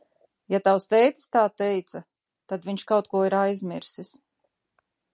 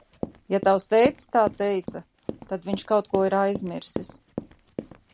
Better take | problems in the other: first | background sound (Run); 11 dB below the speech

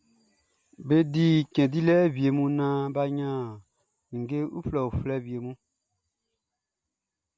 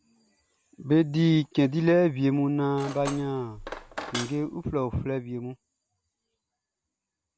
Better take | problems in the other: first | background sound (Cutlery, silverware); 11 dB below the speech

